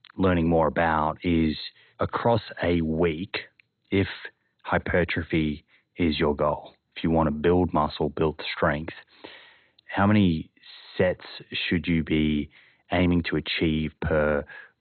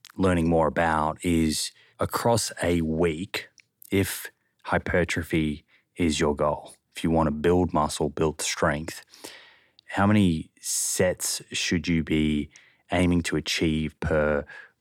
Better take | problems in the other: second | garbled, watery; badly; nothing above 4 kHz

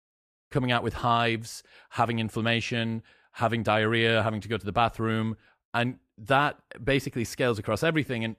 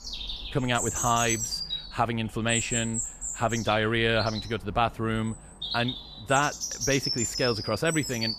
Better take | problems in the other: first | animal sounds; loud; throughout; 4 dB below the speech

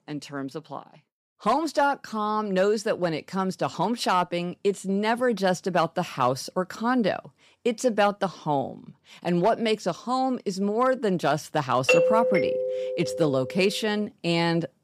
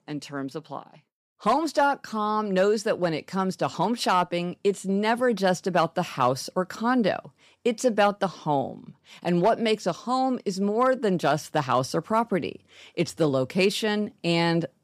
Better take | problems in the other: second | doorbell; loud; from 12 to 13 s; peak 6 dB above the speech

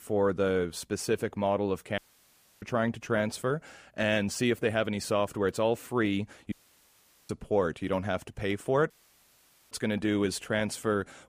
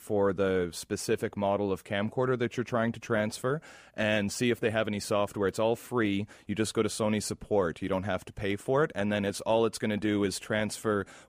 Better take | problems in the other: second | audio cutting out; at 2 s for 0.5 s, at 6.5 s for 1 s and at 9 s for 1 s

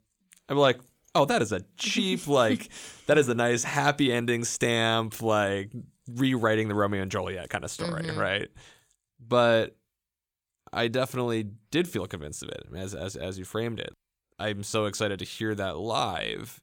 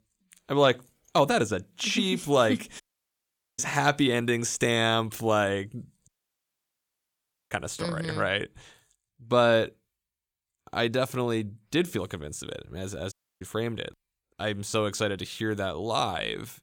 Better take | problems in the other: first | audio cutting out; at 3 s for 1 s, at 6 s for 1.5 s and at 13 s

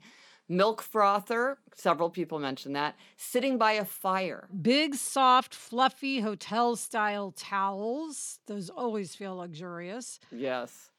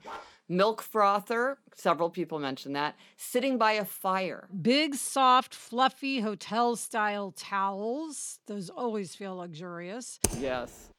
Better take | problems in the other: first | dog barking; faint; at the start; peak 15 dB below the speech // keyboard typing; noticeable; at 10 s; peak 2 dB below the speech

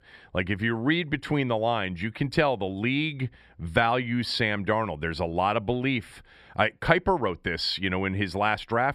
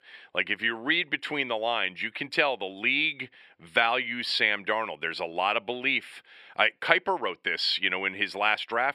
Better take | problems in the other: first | thin; somewhat; fading below 350 Hz

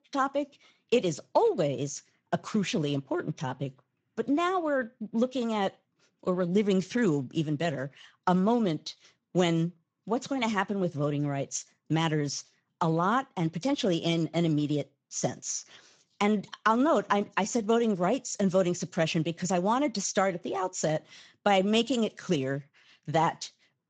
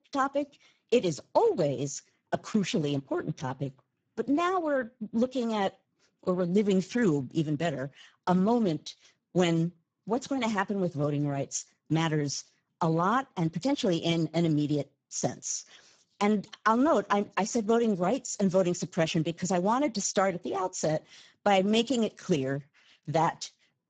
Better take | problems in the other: first | garbled, watery; badly; nothing above 7.5 kHz; slightly in the first

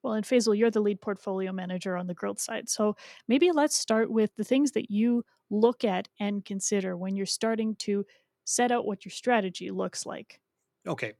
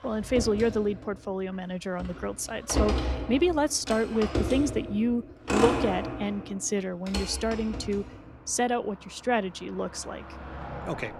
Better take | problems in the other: first | traffic noise; loud; throughout; 5 dB below the speech

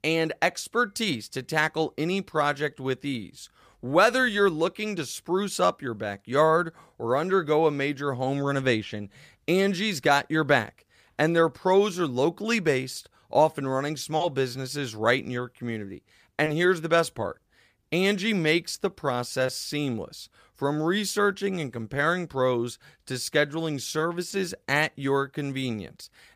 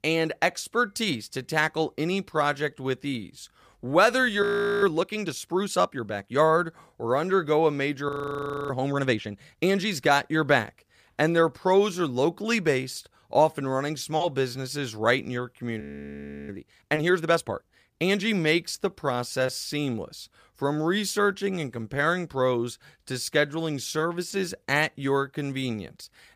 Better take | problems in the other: first | audio freezing; at 4.5 s, at 8 s for 0.5 s and at 16 s for 0.5 s

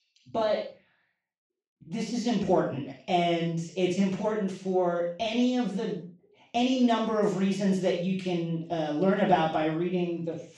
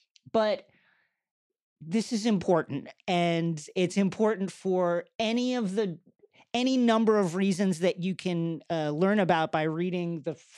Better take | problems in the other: second | room echo; noticeable; dies away in 0.4 s // off-mic speech; far

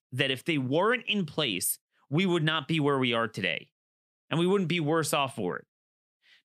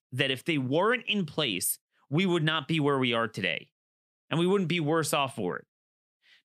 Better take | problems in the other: neither | none

